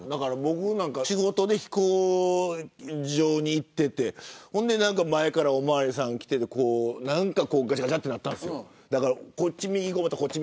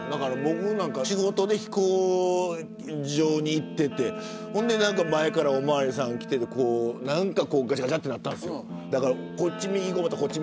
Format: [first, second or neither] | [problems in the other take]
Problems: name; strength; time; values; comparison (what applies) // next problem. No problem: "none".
first | background sound (Guitar); 11 dB below the speech